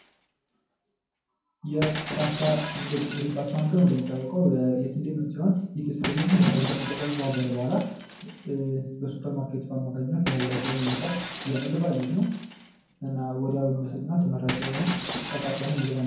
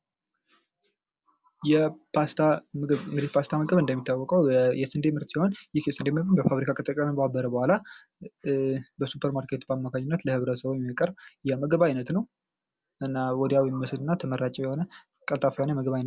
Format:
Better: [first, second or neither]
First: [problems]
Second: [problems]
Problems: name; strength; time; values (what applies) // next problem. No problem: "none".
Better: second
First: background sound (Shatter); 10 dB below the speech // room echo; dies away in 0.9 s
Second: none